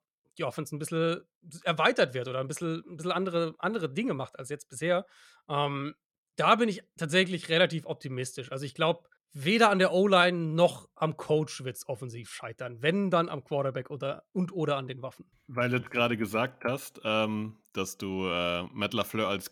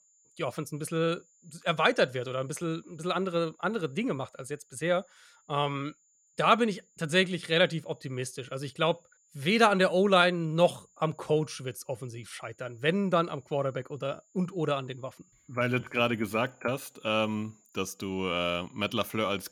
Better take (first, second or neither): first